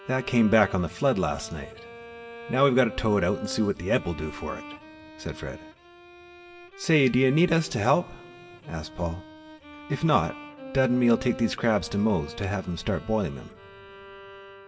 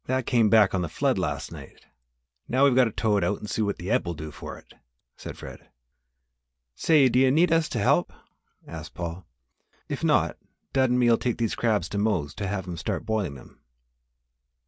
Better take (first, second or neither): second